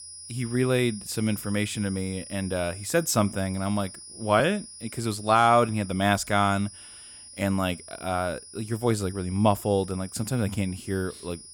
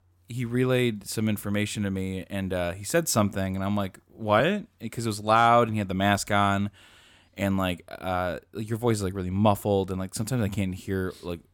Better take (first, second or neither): second